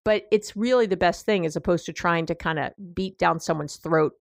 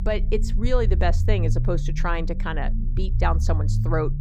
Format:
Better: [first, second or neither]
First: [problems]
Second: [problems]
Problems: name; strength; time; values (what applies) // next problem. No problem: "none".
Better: first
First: none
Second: low rumble; noticeable; throughout; 10 dB below the speech